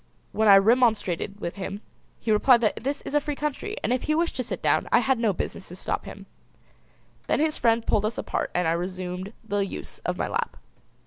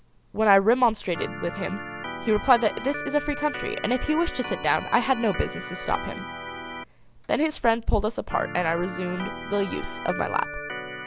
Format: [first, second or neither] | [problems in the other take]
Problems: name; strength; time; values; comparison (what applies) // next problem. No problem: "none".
first | background sound (Organ); 10 dB below the speech